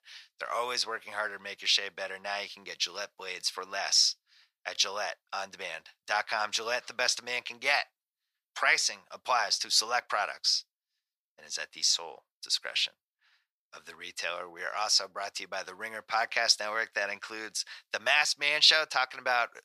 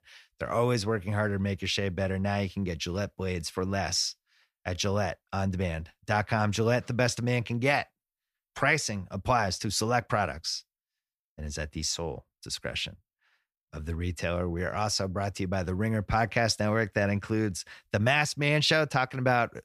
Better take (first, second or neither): second